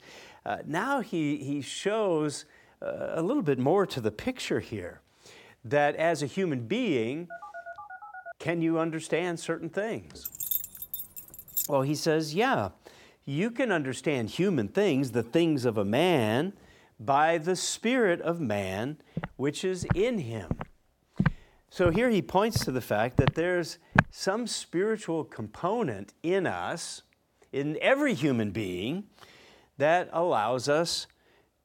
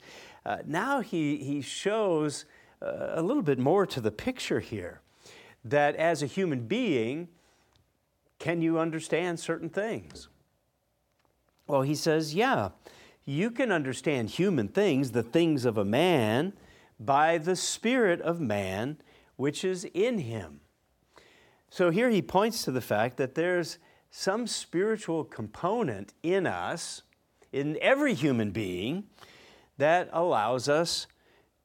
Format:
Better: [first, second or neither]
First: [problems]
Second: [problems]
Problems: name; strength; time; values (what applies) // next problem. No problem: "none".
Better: second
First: phone ringing; faint; from 7.5 to 8.5 s; peak 15 dB below the speech // jangling keys; noticeable; from 10 to 12 s; peak 1 dB below the speech // footsteps; loud; from 19 to 24 s; peak 3 dB above the speech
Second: none